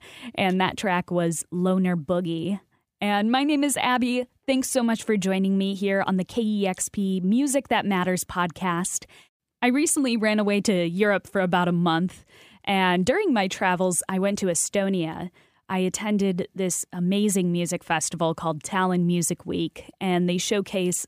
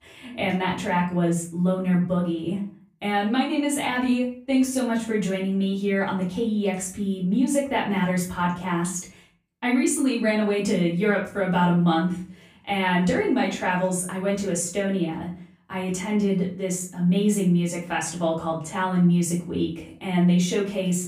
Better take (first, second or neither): first